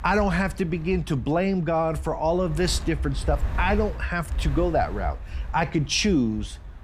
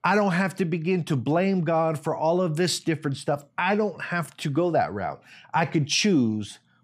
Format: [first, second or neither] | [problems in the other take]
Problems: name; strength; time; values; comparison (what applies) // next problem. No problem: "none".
second | wind noise on the microphone; occasional gusts; 20 dB below the speech